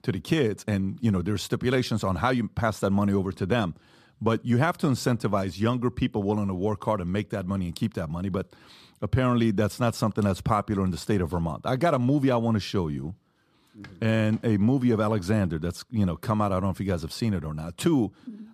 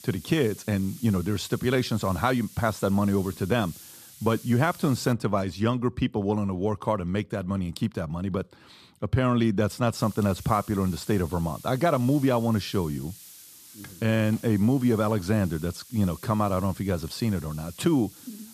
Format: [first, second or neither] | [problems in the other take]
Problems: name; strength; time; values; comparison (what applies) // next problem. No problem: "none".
first | hiss; noticeable; until 5 s and from 10 s on; 20 dB below the speech